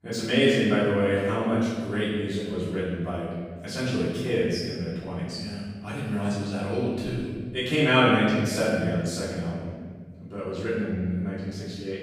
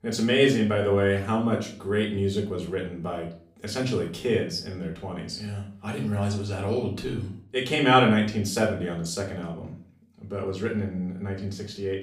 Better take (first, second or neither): second